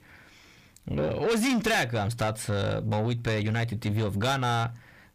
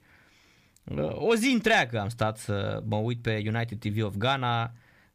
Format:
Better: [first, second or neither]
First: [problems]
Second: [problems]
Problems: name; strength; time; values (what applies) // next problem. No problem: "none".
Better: second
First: distortion; heavy; 8 dB below the speech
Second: none